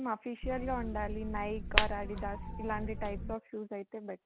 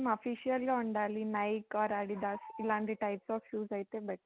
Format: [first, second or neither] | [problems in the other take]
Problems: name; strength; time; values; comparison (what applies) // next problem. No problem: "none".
second | background sound (Hands); 2 dB above the speech